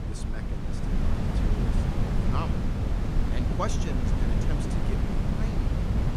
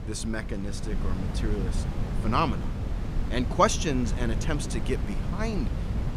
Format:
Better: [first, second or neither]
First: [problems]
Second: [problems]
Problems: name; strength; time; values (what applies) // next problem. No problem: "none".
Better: second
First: wind noise on the microphone; heavy; 2 dB above the speech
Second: wind noise on the microphone; occasional gusts; 10 dB below the speech